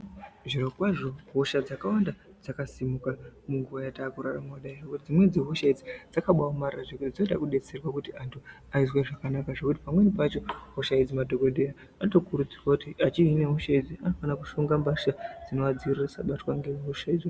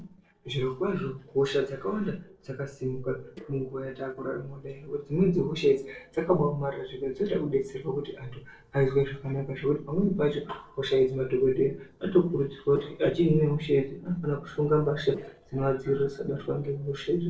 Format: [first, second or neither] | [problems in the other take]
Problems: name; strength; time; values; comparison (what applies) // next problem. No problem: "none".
first | noise reduction (neural separator model SepFormer DNS4)